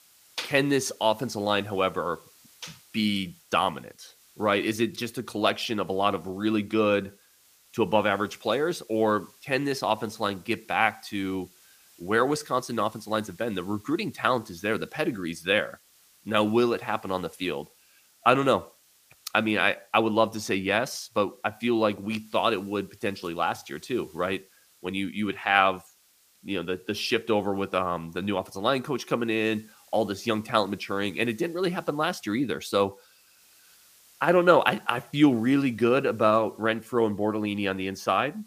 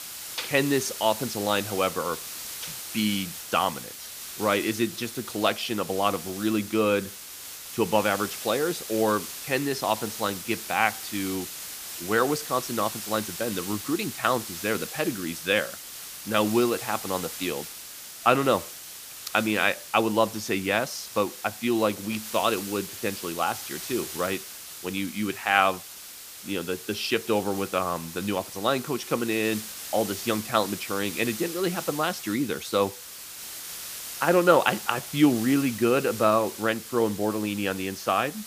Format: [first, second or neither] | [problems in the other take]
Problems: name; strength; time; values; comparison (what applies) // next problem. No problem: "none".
first | hiss; loud; throughout; 9 dB below the speech; faint in the first